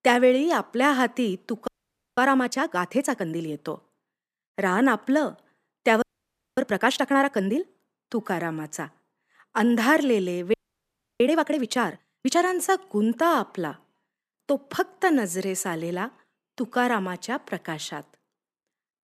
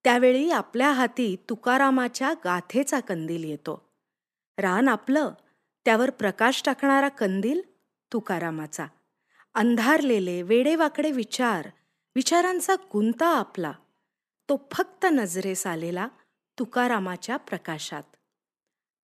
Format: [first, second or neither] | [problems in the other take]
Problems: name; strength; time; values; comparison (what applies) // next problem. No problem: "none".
second | audio freezing; at 1.5 s, at 6 s for 0.5 s and at 11 s for 0.5 s